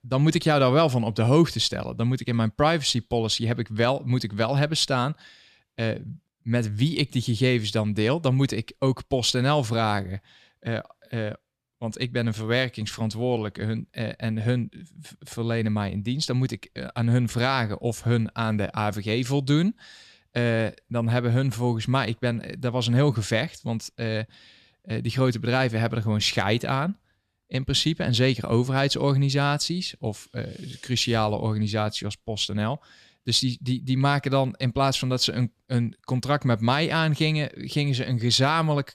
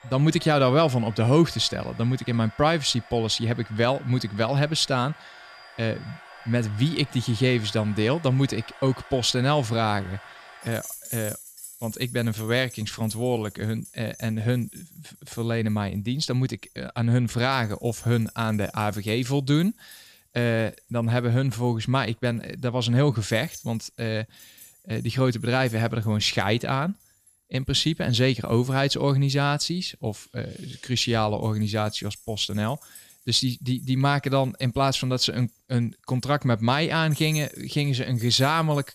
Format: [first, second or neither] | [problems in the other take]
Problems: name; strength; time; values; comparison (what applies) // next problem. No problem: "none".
first | household noises; noticeable; throughout; 20 dB below the speech